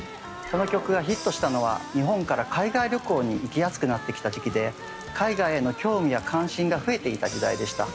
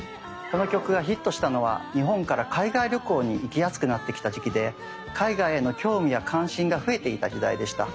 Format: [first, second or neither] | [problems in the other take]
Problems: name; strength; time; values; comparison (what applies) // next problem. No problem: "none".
second | background sound (Rain + Crash cymbal); 18 dB below the speech